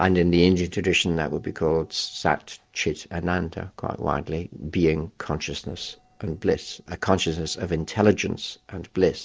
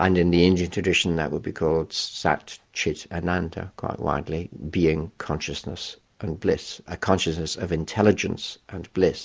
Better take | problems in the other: second | noise reduction (neural separator model SepFormer DNS4)

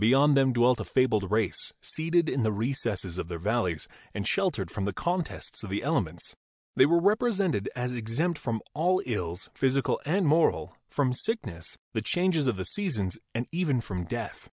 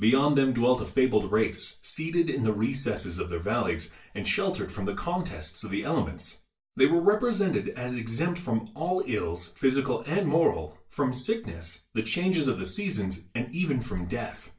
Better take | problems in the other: first | room echo; dies away in 0.3 s

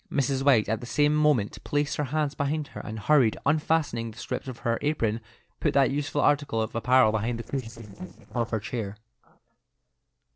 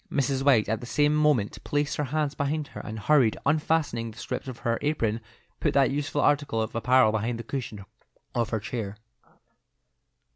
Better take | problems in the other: second | noise reduction (neural separator model SepFormer DNS4)

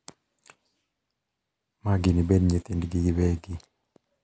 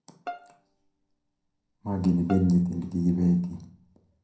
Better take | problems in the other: first | background sound (Bowed string instrument); 19 dB below the speech // room echo; dies away in 0.6 s

